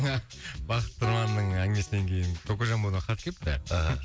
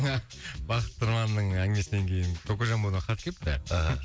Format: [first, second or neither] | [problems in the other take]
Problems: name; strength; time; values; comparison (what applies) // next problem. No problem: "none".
second | background sound (Piano); 16 dB below the speech